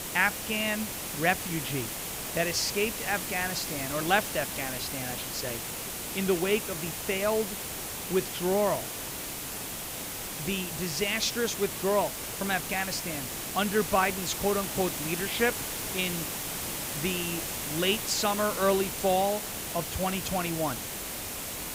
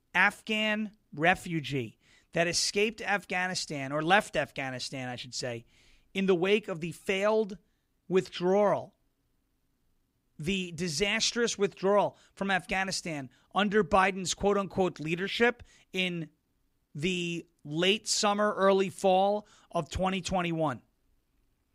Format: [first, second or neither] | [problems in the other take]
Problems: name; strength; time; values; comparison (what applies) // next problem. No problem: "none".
second | hiss; loud; throughout; 3 dB below the speech